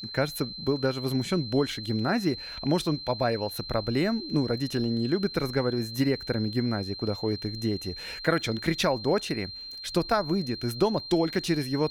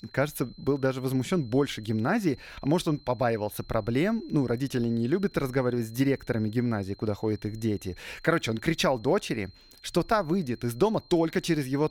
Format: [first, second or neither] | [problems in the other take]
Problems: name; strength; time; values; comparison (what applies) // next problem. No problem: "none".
second | high-pitched whine; loud; throughout; 4 kHz, 9 dB below the speech; faint in the second